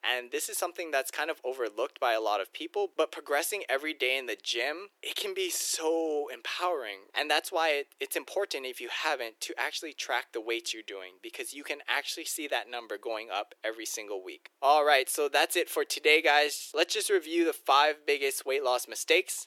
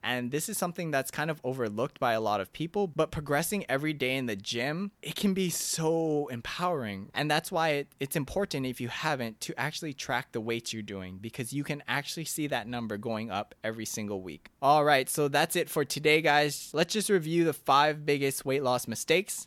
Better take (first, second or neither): second